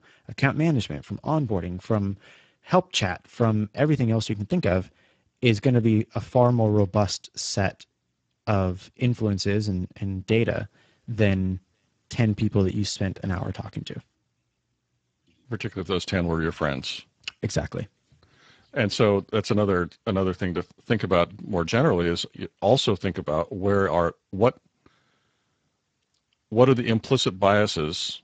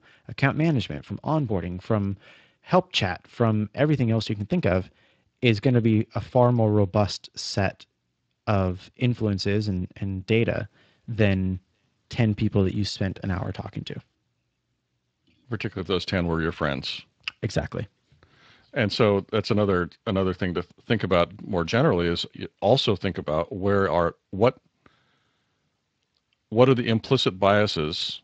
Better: second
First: garbled, watery; badly; nothing above 7.5 kHz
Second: garbled, watery; slightly; nothing above 7.5 kHz

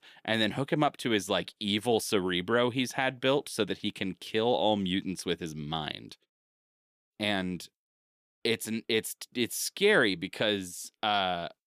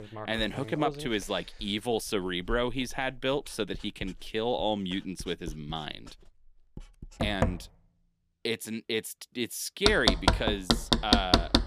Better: first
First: none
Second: household noises; very loud; throughout; 3 dB above the speech

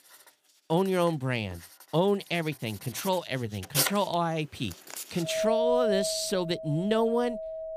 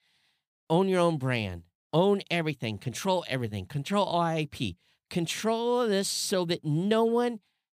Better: second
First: household noises; loud; throughout; 2 dB below the speech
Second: none

